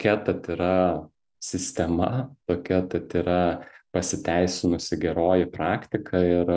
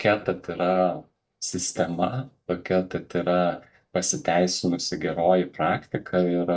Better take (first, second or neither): first